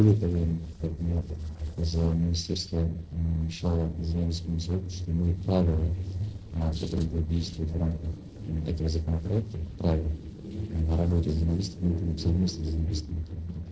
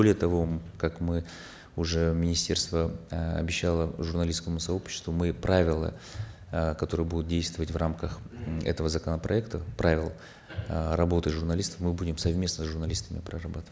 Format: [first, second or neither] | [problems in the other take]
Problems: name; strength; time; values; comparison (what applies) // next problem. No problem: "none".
second | noise reduction (neural separator model SepFormer DNS4)